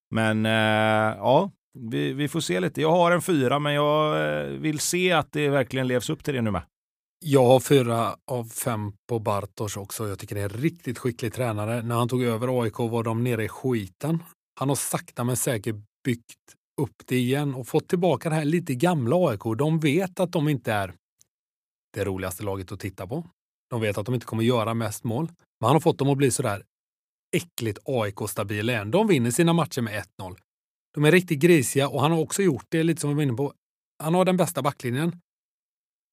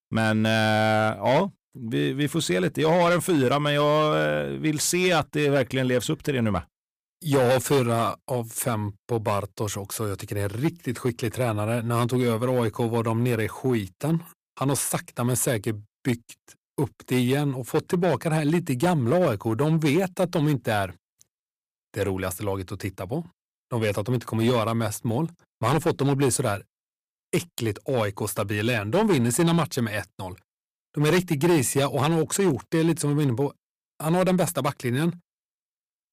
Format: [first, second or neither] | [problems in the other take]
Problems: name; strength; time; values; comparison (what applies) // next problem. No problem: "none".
first | distortion; slight; 5% of the sound clipped